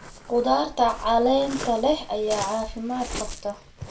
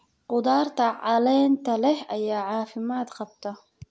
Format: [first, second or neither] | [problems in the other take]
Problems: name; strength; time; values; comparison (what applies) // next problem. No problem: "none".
second | background sound (Waves, surf); 12 dB below the speech // room echo; dies away in 0.2 s